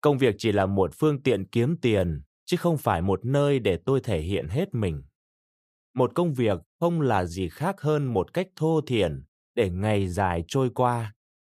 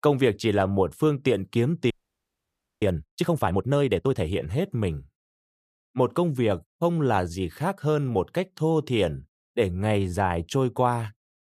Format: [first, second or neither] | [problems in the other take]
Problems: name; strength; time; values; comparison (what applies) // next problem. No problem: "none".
first | audio freezing; at 2 s for 1 s